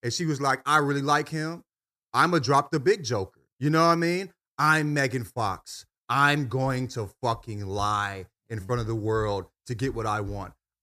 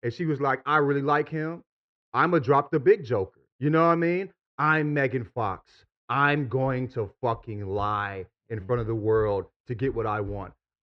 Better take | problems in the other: first | muffled; very; fading above 3 kHz

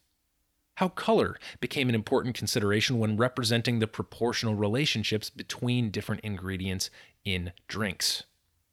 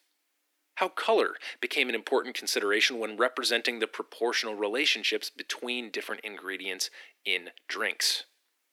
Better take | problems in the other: first | thin; very; fading below 300 Hz

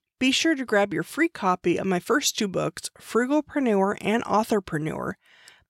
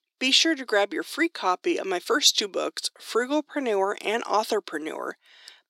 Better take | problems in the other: first | thin; somewhat; fading below 300 Hz

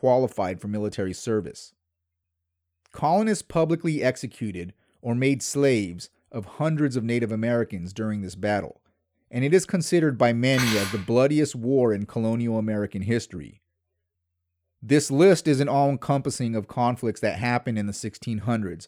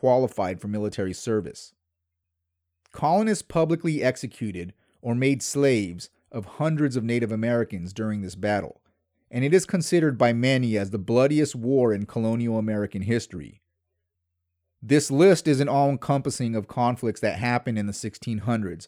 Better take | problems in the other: second | clattering dishes; noticeable; at 11 s; peak 1 dB below the speech

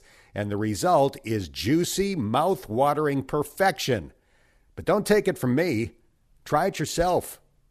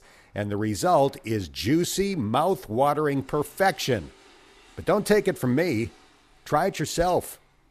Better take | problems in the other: first | household noises; faint; throughout; 30 dB below the speech

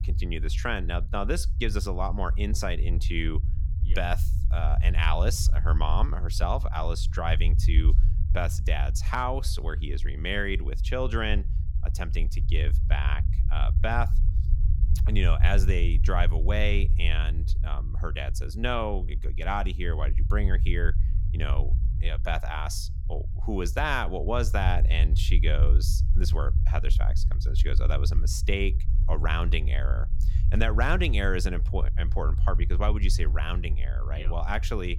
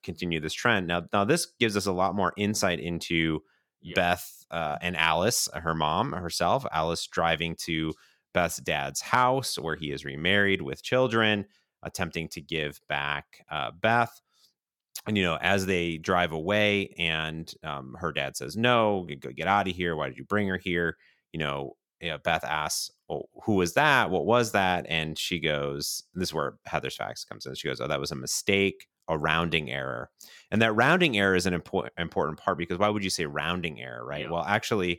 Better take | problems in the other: second | low rumble; noticeable; throughout; 15 dB below the speech

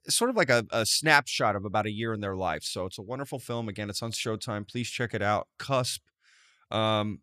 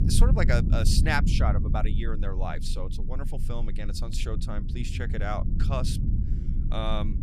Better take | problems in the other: first | low rumble; loud; throughout; 9 dB below the speech

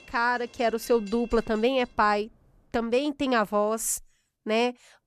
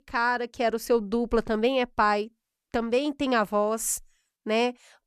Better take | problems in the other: second | train or aircraft noise; faint; throughout; 25 dB below the speech

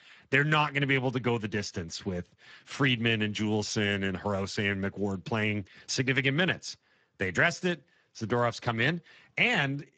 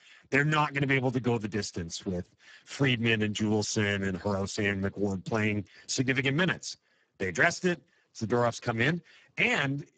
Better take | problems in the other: first | garbled, watery; badly; nothing above 7.5 kHz; slightly in the first

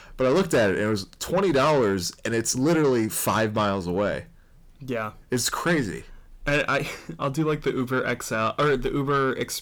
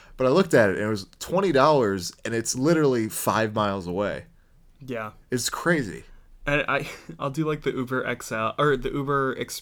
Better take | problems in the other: second | distortion; slight; 10 dB below the speech

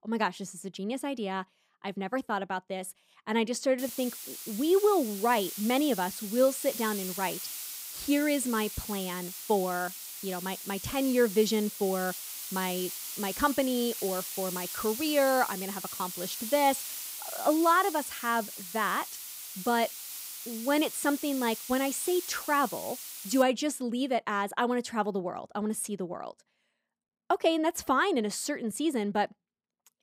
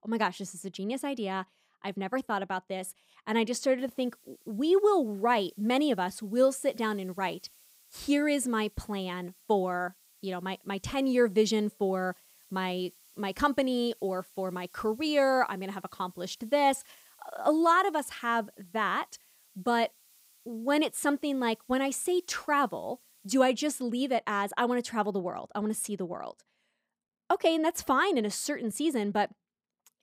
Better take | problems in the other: second | hiss; loud; from 4 to 23 s; 7 dB below the speech; faint in the second

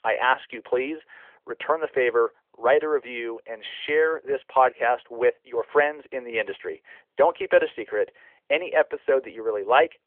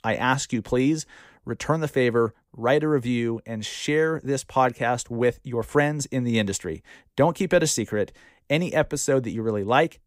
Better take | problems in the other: second | phone-call audio; nothing above 3 kHz

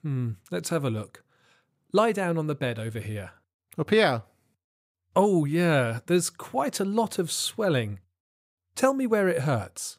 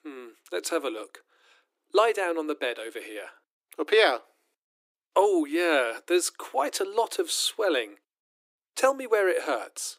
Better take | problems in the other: first | thin; very; fading below 300 Hz

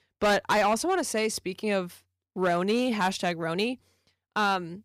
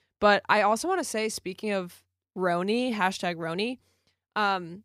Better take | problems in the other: second | distortion; slight; 5% of the sound clipped

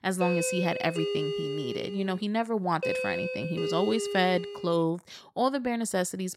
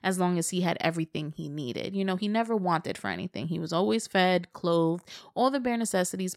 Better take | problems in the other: second | doorbell; noticeable; until 4.5 s; peak level with the speech

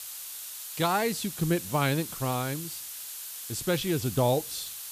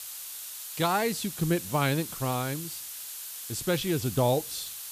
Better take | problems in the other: neither | hiss; loud; throughout; 8 dB below the speech; the same in both

